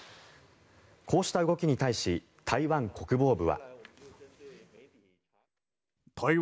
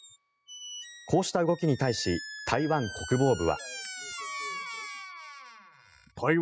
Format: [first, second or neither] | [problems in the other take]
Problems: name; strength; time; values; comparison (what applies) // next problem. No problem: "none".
first | noise reduction (classical method spectral subtraction)